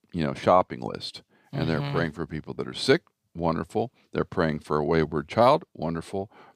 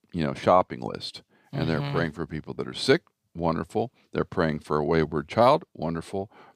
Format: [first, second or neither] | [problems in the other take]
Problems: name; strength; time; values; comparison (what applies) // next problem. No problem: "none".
neither | none